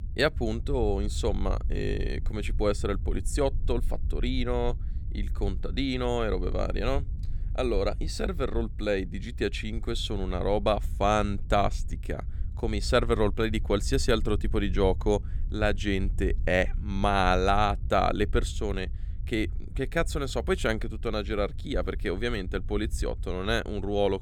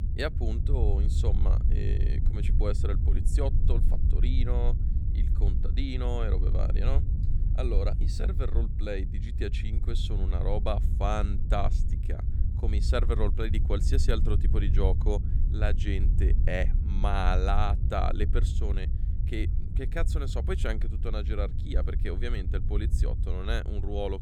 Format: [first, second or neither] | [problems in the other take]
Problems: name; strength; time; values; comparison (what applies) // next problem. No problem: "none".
first | low rumble; loud; throughout; 10 dB below the speech; faint in the first